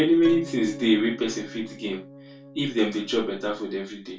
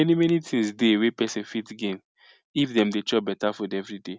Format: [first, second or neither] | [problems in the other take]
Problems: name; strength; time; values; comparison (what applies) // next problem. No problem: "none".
second | background sound (Organ); 16 dB below the speech // room echo; dies away in 0.2 s